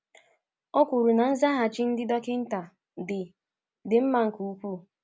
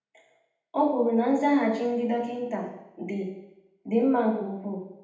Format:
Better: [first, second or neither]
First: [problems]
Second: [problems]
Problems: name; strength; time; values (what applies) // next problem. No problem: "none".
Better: first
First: none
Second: room echo; dies away in 0.8 s